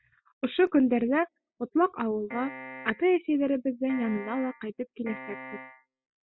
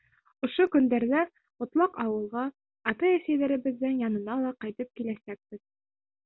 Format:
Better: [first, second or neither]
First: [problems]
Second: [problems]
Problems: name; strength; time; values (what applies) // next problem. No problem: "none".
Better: second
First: noise reduction (classical method spectral subtraction)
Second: none